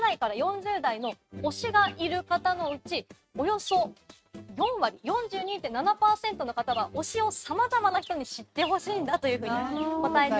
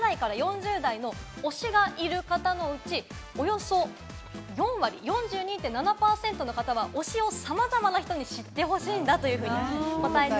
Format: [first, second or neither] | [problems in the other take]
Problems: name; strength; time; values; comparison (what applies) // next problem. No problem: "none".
second | noise reduction (neural mask model RNNoise)